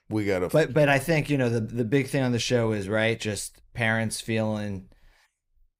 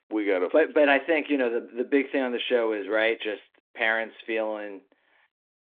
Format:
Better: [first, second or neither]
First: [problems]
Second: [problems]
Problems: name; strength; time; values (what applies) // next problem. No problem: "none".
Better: first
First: none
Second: phone-call audio; nothing above 3.5 kHz